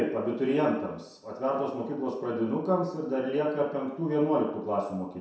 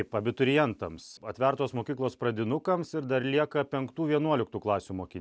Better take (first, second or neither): second